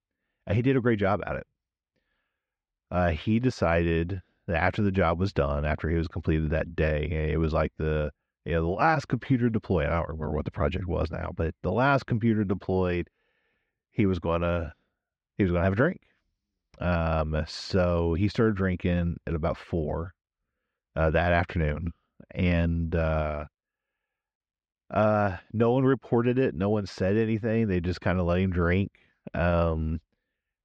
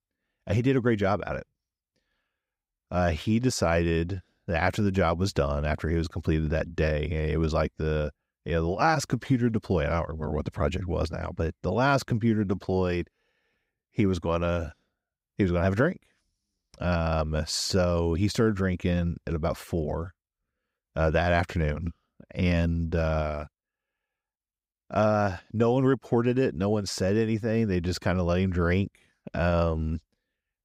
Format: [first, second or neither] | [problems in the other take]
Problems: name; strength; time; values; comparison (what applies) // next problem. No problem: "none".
second | muffled; slightly; fading above 2.5 kHz